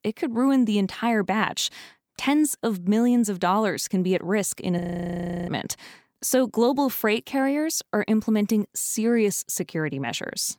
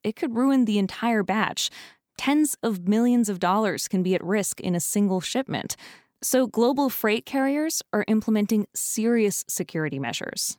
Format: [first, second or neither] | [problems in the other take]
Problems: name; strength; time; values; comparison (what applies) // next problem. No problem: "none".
second | audio freezing; at 5 s for 0.5 s